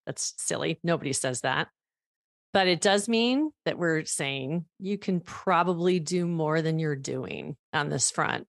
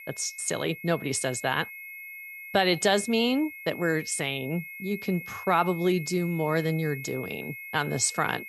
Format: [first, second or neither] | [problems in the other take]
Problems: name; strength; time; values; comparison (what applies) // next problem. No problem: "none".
first | high-pitched whine; noticeable; throughout; 2 kHz, 10 dB below the speech